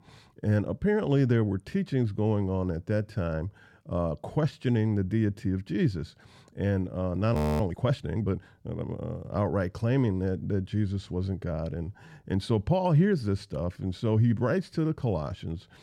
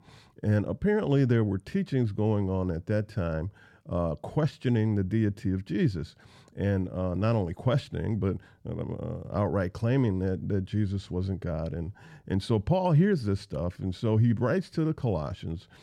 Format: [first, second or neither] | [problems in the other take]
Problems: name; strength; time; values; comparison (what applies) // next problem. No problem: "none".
second | audio freezing; at 7.5 s